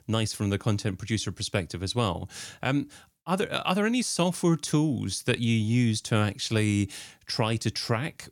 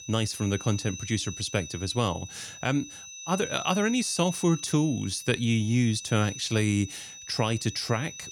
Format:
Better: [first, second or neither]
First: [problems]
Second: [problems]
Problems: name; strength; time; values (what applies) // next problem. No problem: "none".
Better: first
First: none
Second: high-pitched whine; noticeable; throughout; 6 kHz, 10 dB below the speech